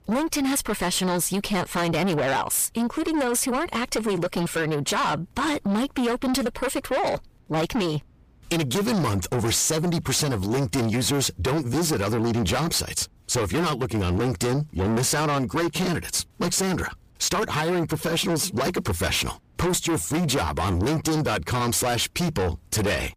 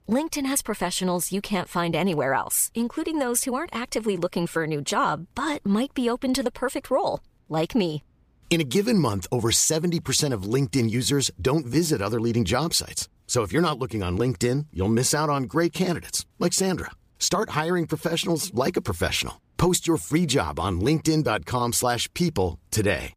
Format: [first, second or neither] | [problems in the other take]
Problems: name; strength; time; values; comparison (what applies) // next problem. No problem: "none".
second | distortion; heavy; 6 dB below the speech